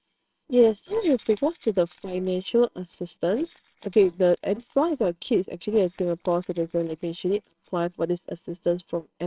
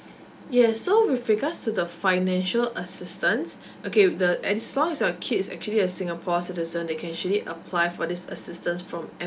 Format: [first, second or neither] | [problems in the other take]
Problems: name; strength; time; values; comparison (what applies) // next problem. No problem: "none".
second | noise reduction (neural separator model SepFormer WHAMR!)